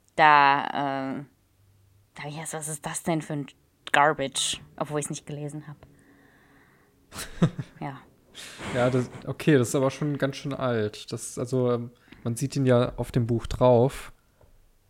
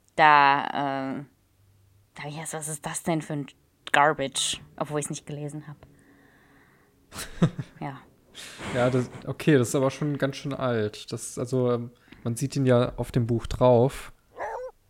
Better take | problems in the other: first | dog barking; noticeable; at 14 s; peak 10 dB below the speech

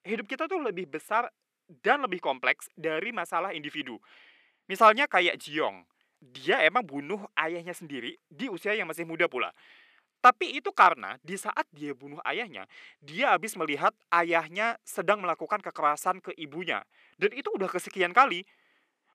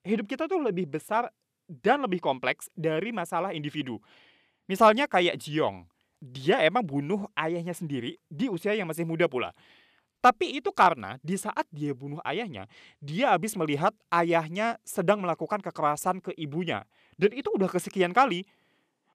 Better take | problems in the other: second | thin; somewhat; fading below 300 Hz

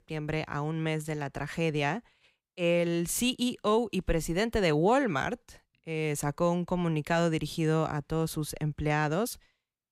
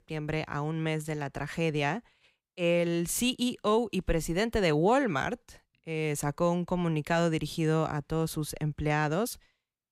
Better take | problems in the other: neither | none

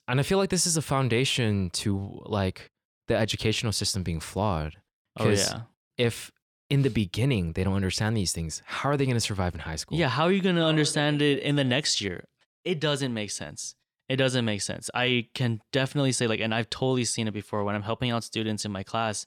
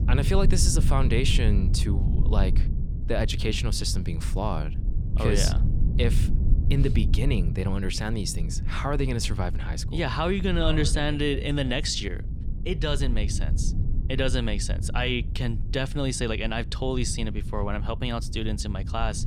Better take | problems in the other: first | low rumble; noticeable; throughout; 15 dB below the speech

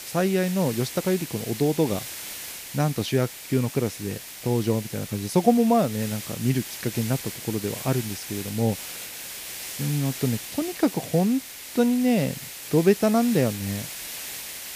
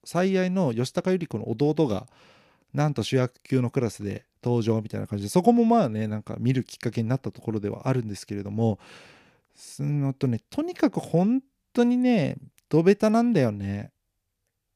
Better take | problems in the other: second | hiss; loud; throughout; 9 dB below the speech

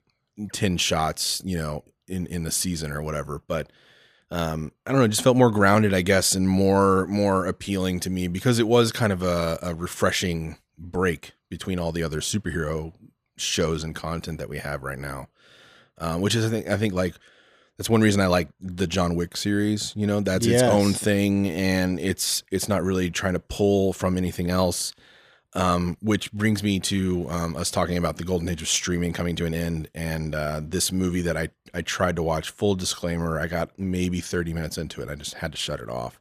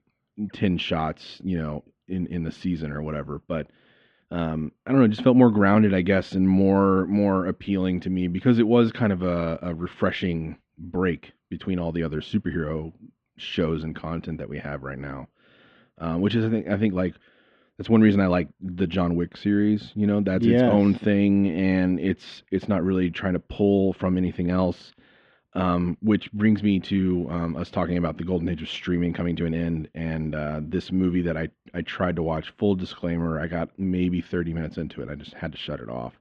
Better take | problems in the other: first | muffled; very; fading above 3 kHz

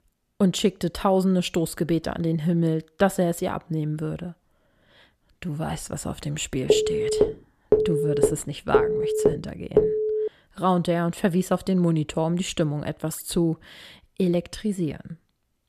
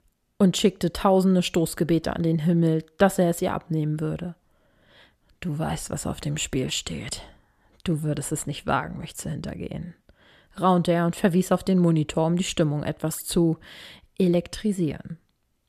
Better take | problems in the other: second | phone ringing; loud; from 6.5 to 10 s; peak 4 dB above the speech

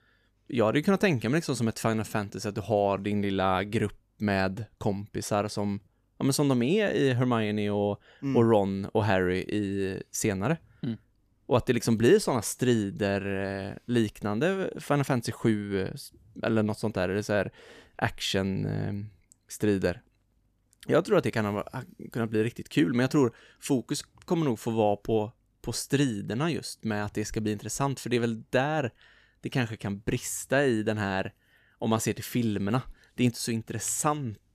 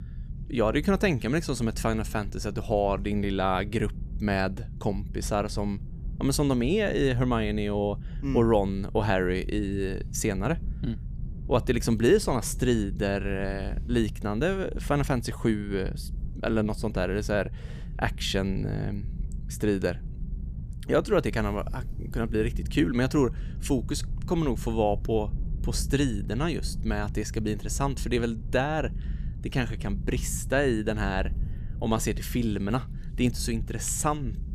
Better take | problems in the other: first | low rumble; faint; throughout; 20 dB below the speech

